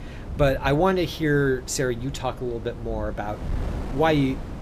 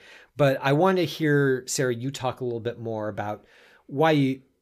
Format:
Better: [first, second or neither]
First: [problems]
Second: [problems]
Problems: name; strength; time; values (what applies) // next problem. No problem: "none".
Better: second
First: wind noise on the microphone; occasional gusts; 15 dB below the speech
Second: none